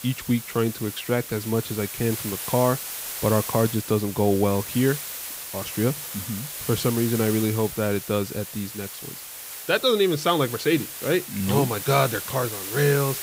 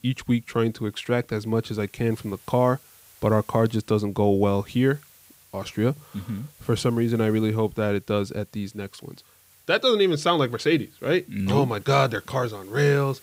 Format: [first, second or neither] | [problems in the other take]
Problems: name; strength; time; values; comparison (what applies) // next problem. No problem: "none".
second | hiss; loud; throughout; 7 dB below the speech; faint in the second